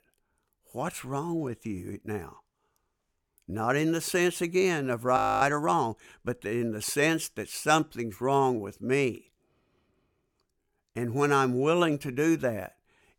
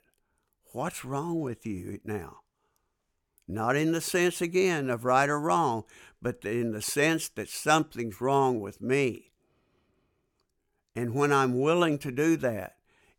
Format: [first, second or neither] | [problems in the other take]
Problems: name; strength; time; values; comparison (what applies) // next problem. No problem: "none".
second | audio freezing; at 5 s